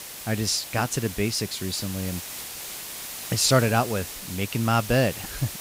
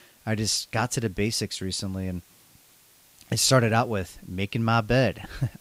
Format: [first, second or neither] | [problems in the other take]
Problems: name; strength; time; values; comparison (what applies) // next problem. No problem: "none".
second | hiss; loud; throughout; 9 dB below the speech; faint in the second